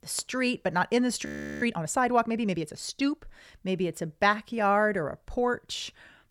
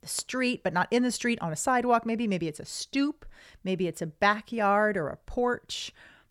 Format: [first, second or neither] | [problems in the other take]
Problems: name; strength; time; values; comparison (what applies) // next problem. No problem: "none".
second | audio freezing; at 1.5 s